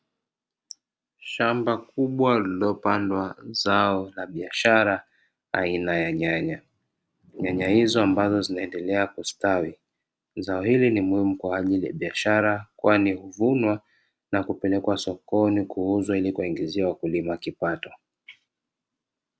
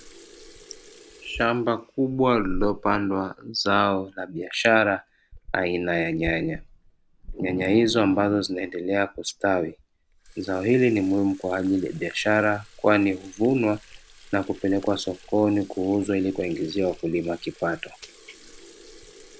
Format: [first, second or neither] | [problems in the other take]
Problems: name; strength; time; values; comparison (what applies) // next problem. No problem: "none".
first | background sound (Sink (filling or washing) / Water tap, faucet); 17 dB below the speech